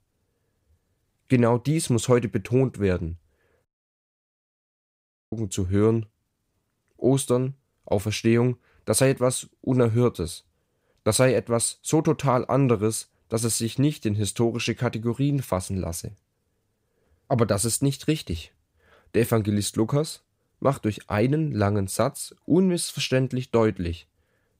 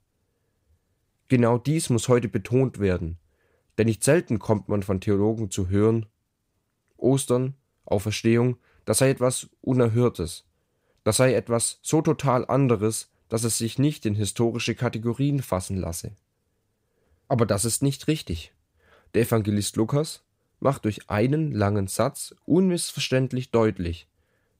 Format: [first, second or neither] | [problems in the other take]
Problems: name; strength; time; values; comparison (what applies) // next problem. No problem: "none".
second | audio cutting out; at 3.5 s for 1.5 s